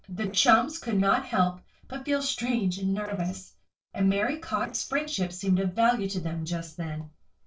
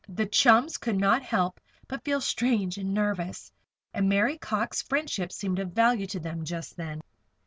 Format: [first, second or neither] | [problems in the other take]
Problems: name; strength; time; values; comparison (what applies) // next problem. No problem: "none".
second | noise reduction (neural separator model SepFormer DNS4)